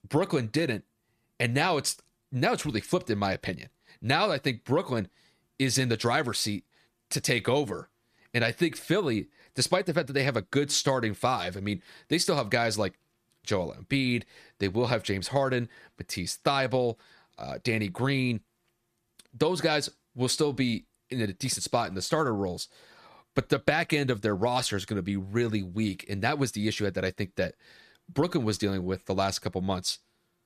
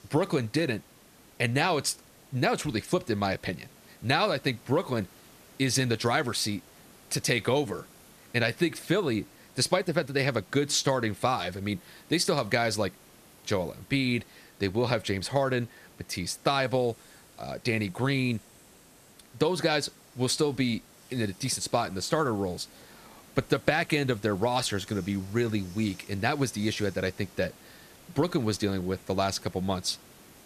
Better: first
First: none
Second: hiss; faint; throughout; 25 dB below the speech

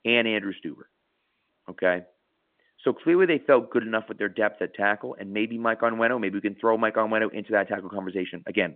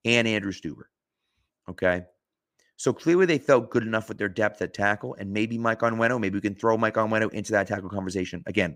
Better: second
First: phone-call audio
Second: none

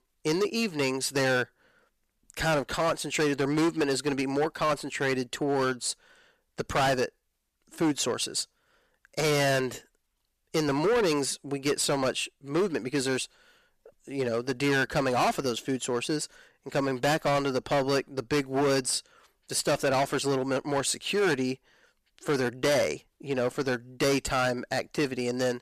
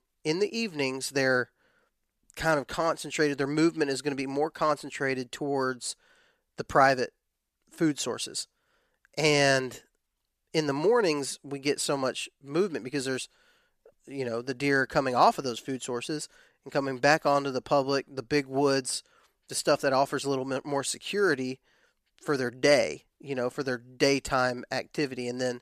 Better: second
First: distortion; heavy; 10% of the sound clipped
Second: none

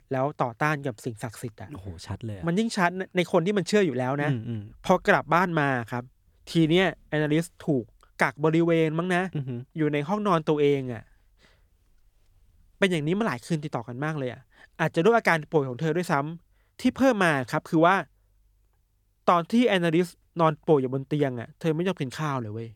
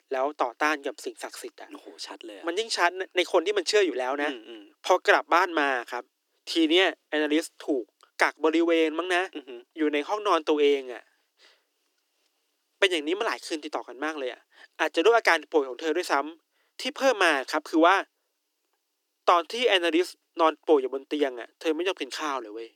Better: first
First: none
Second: thin; somewhat; fading below 300 Hz

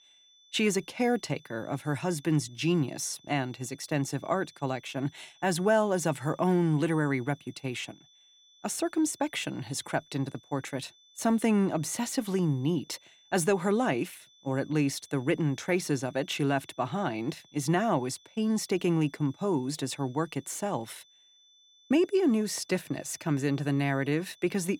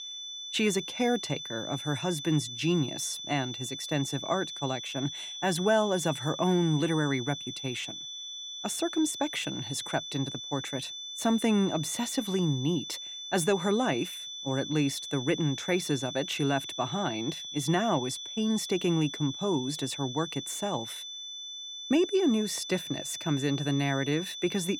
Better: first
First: high-pitched whine; faint; throughout; 3.5 kHz, 30 dB below the speech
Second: high-pitched whine; loud; throughout; 3.5 kHz, 7 dB below the speech

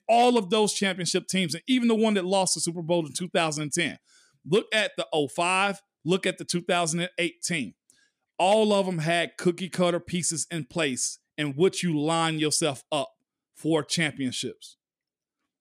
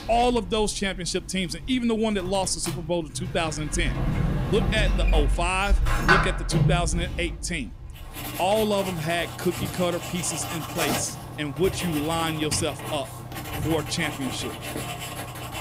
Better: first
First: none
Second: household noises; loud; throughout; 2 dB below the speech

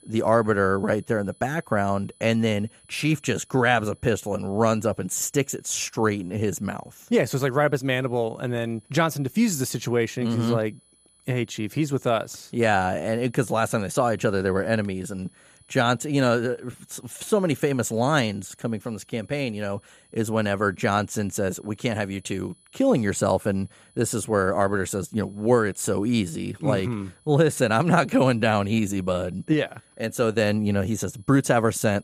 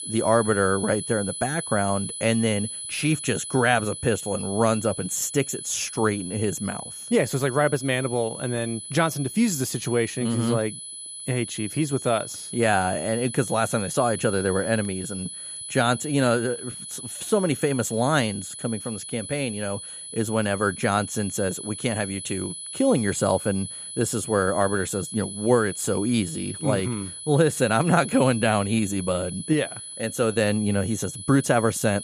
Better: first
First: high-pitched whine; faint; throughout; 10 kHz, 30 dB below the speech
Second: high-pitched whine; loud; throughout; 10 kHz, 9 dB below the speech

